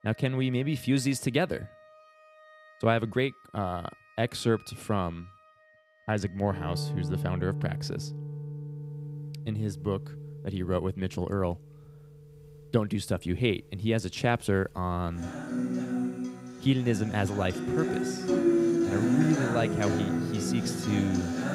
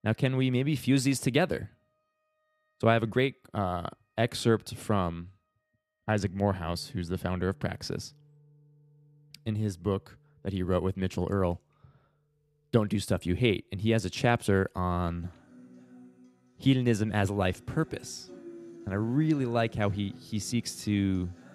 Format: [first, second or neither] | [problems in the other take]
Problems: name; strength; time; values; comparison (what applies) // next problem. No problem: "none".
second | background music; loud; throughout; 1 dB below the speech; faint in the second